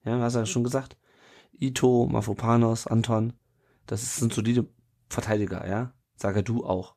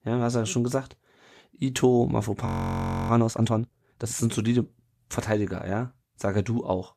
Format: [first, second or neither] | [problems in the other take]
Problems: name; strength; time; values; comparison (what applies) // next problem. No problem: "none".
first | audio freezing; at 2.5 s for 0.5 s